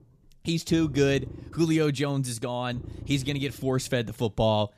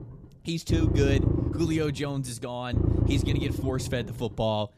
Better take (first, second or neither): first